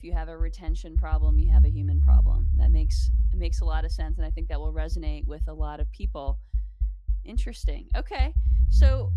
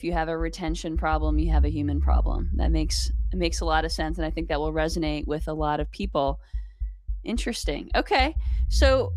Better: second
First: low rumble; loud; throughout; 6 dB below the speech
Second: low rumble; faint; throughout; 25 dB below the speech

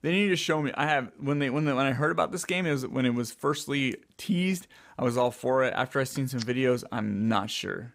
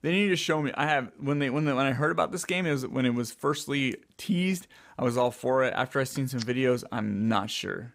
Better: neither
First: none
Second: none

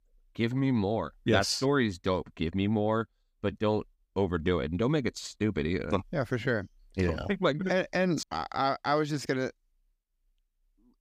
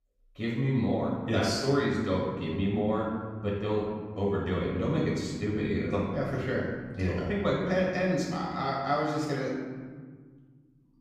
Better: first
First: none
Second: off-mic speech; far // room echo; noticeable; dies away in 1.6 s

